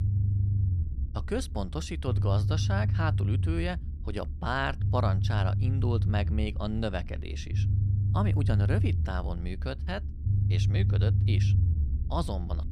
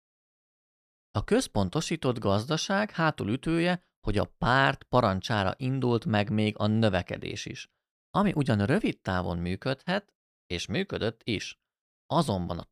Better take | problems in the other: second | low rumble; loud; throughout; 7 dB below the speech

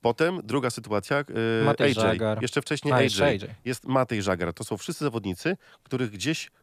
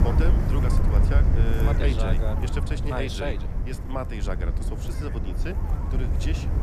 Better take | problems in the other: first | wind noise on the microphone; heavy; 3 dB below the speech

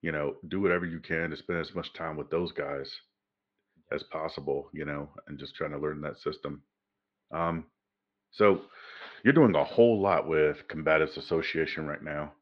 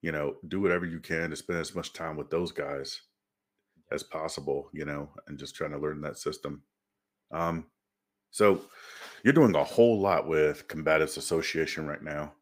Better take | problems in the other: second | muffled; very slightly; fading above 4 kHz

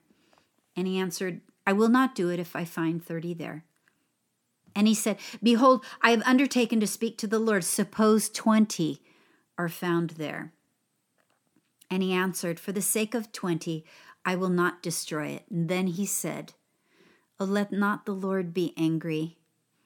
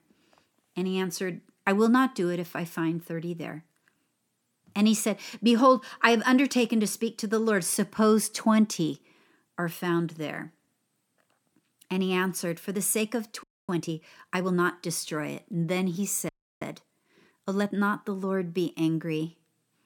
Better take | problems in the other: first | audio freezing; at 13 s and at 16 s

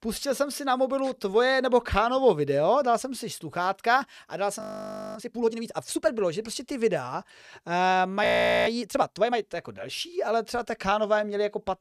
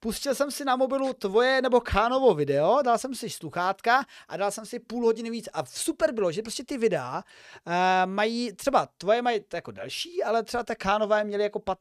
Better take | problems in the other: second | audio freezing; at 4.5 s for 0.5 s and at 8 s

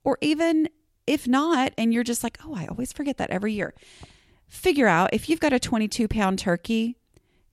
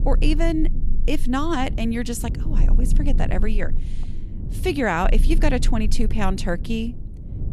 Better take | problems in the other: first | low rumble; noticeable; throughout; 15 dB below the speech

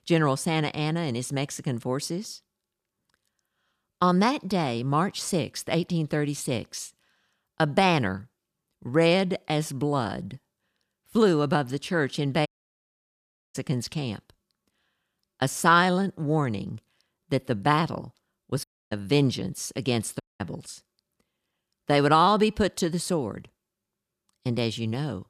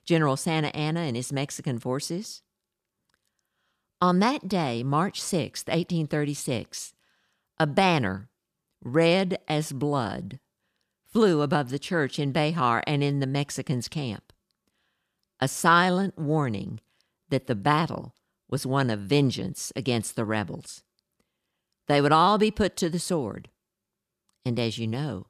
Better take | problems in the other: second | audio cutting out; at 12 s for 1 s, at 19 s and at 20 s

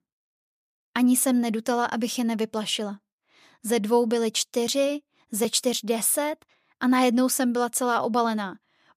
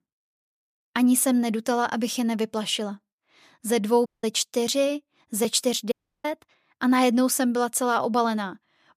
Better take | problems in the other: first | audio cutting out; at 4 s and at 6 s

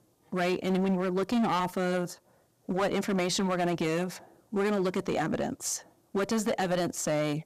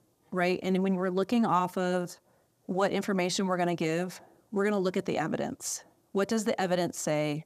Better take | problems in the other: second | distortion; slight; 12% of the sound clipped

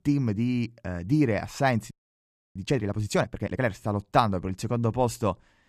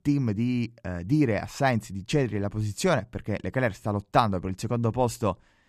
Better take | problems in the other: second | audio freezing; at 2 s for 0.5 s

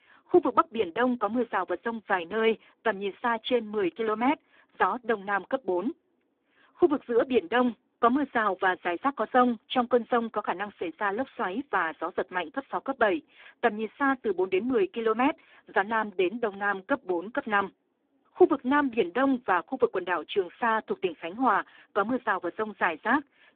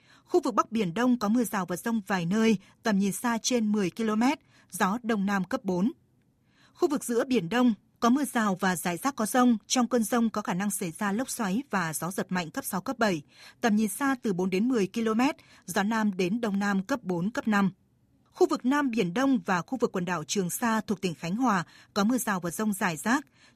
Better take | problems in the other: second | phone-call audio; poor line; nothing above 3.5 kHz

